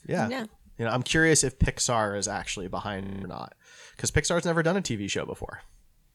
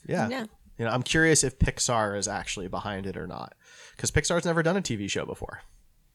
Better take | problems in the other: second | audio freezing; at 3 s

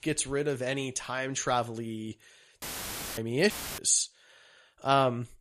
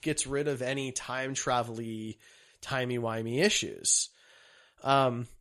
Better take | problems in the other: second | audio cutting out; filled with static; at 2.5 s for 0.5 s and at 3.5 s

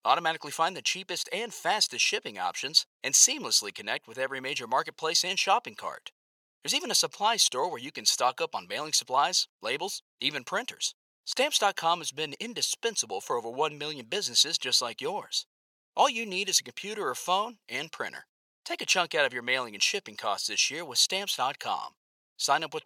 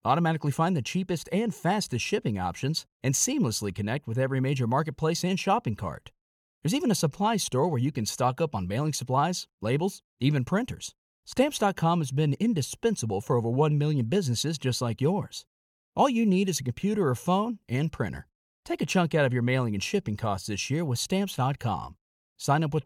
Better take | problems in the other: second | thin; very; fading below 650 Hz

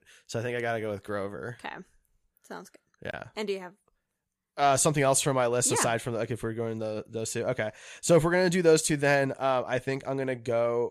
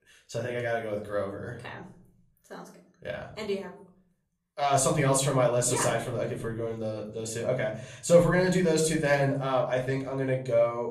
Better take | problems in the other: first | off-mic speech; somewhat distant // room echo; slight; dies away in 0.6 s

